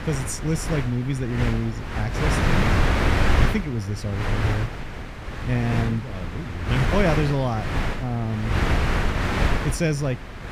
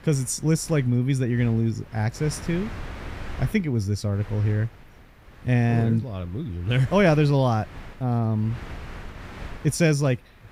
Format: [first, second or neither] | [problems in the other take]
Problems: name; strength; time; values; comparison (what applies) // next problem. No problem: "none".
second | wind noise on the microphone; heavy; 2 dB above the speech; occasional gusts in the second